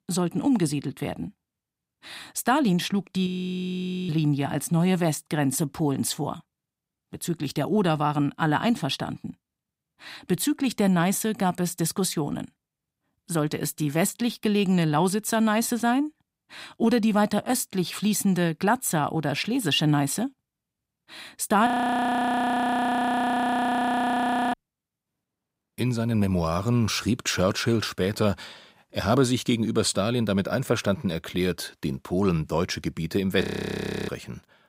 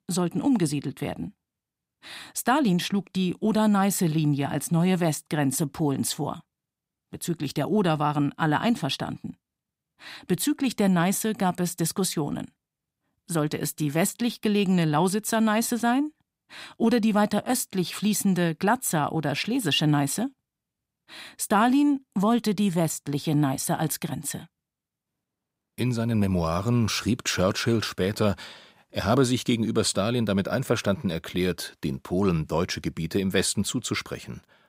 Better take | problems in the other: second | audio freezing; at 3.5 s for 1 s, at 22 s for 3 s and at 33 s for 0.5 s

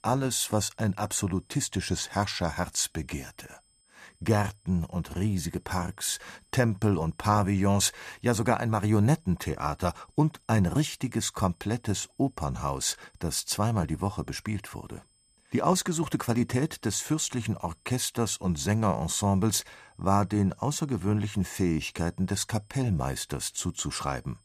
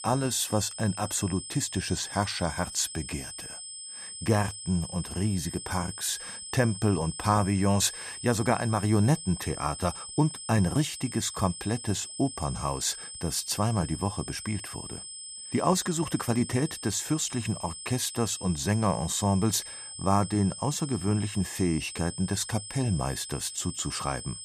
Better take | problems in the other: first | high-pitched whine; loud; throughout; 8 kHz, 10 dB below the speech; faint in the first

